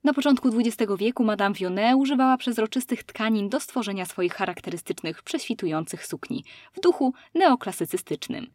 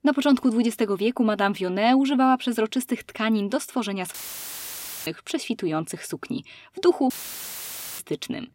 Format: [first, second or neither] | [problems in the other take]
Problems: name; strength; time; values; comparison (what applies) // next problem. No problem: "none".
first | audio cutting out; filled with static; at 4 s for 1 s and at 7 s for 1 s